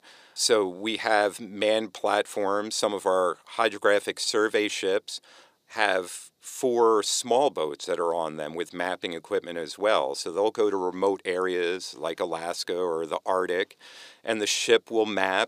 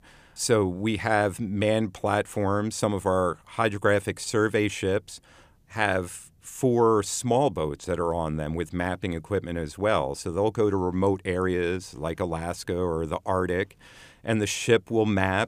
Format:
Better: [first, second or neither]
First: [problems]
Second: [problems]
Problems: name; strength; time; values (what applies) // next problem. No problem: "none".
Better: second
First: thin; somewhat; fading below 400 Hz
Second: none